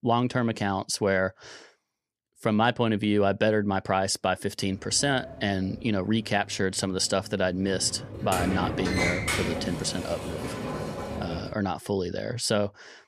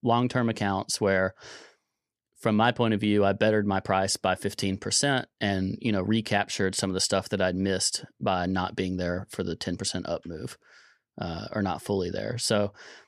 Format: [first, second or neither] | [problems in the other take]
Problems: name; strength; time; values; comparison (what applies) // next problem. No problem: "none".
second | door banging; loud; from 5 to 12 s; peak 1 dB above the speech